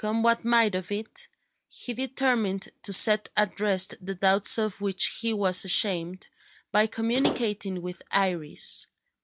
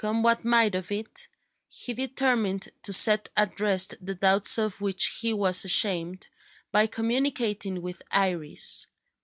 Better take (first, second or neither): second